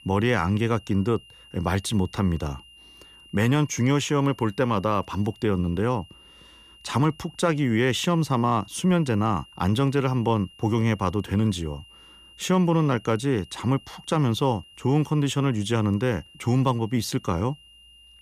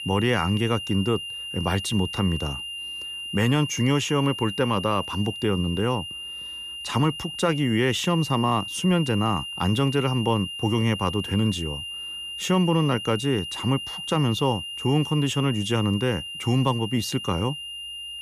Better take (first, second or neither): first